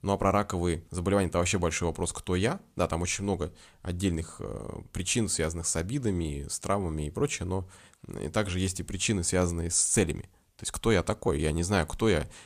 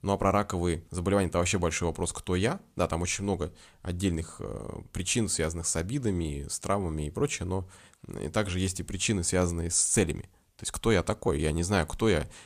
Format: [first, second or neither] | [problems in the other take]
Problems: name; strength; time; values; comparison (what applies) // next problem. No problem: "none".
neither | none